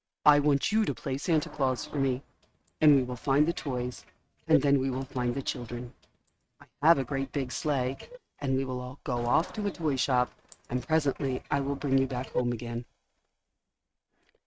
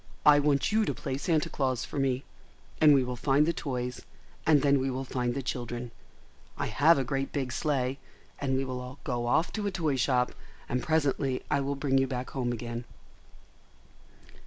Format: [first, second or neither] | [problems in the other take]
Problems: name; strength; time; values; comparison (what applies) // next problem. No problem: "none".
second | noise reduction (neural mask model RNNoise)